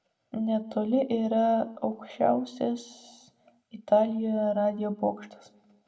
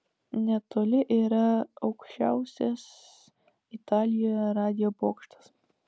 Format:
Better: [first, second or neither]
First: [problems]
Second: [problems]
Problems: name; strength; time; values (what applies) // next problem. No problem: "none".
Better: second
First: room echo; dies away in 0.3 s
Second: none